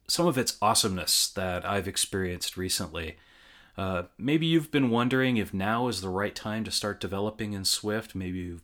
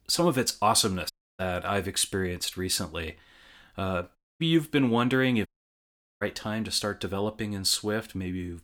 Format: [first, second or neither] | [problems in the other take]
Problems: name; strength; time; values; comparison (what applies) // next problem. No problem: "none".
first | audio cutting out; at 1 s, at 4 s and at 5.5 s for 1 s